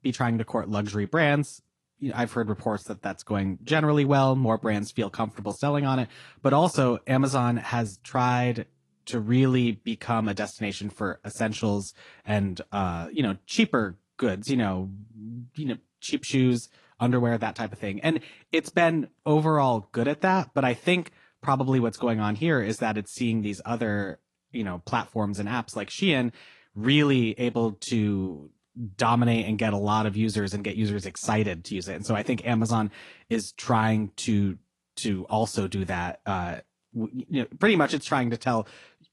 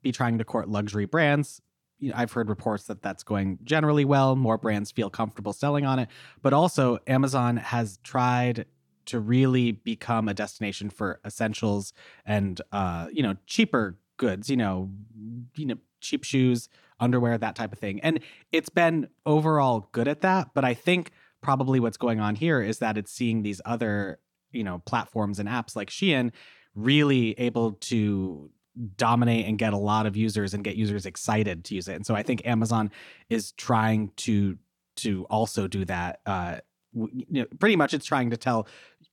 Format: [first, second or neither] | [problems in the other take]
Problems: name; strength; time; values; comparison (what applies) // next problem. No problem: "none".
second | garbled, watery; slightly